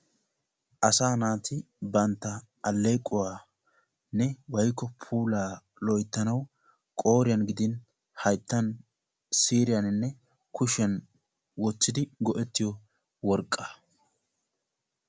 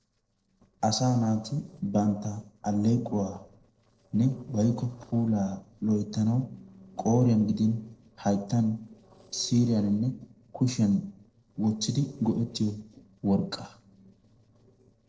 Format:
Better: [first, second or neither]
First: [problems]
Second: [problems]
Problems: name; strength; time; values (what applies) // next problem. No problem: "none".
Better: first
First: none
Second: noise reduction (neural separator model SepFormer DNS4)